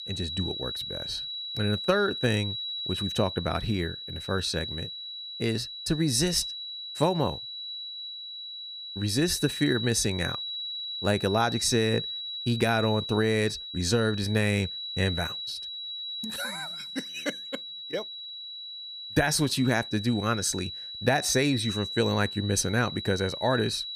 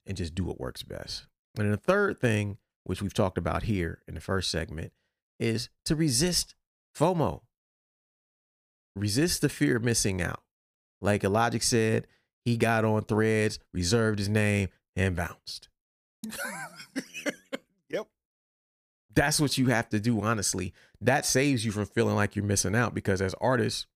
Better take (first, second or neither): second